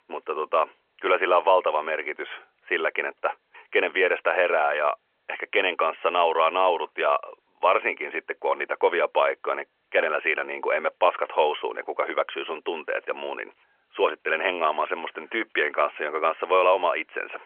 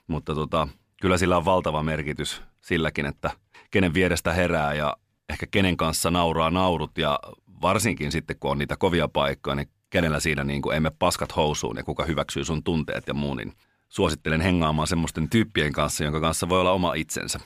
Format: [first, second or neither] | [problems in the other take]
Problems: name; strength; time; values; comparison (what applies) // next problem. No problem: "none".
second | phone-call audio; nothing above 3.5 kHz